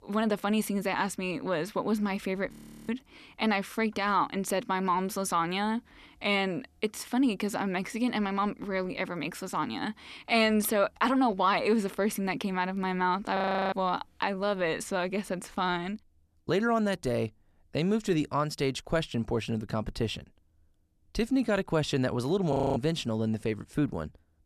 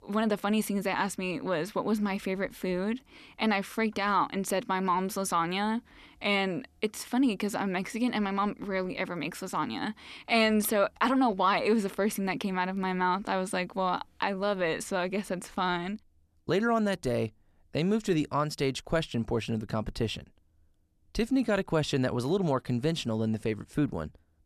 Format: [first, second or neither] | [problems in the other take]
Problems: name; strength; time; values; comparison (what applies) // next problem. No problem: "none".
second | audio freezing; at 2.5 s, at 13 s and at 23 s